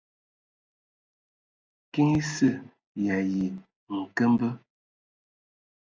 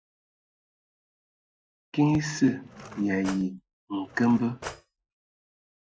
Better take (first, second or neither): first